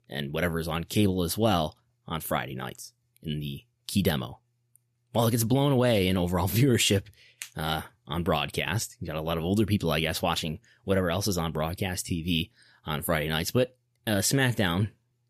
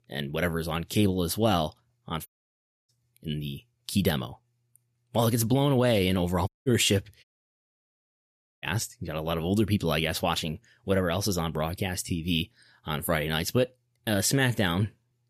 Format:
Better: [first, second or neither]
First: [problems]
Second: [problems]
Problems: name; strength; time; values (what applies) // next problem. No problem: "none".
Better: first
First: none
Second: audio cutting out; at 2.5 s for 0.5 s, at 6.5 s and at 7 s for 1.5 s